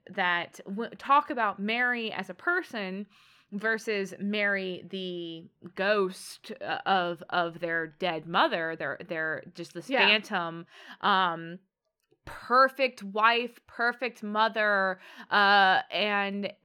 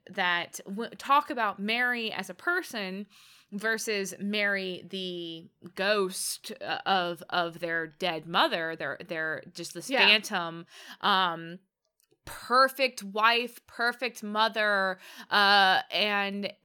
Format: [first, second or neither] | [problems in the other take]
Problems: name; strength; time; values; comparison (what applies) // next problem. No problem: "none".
second | muffled; slightly; fading above 4 kHz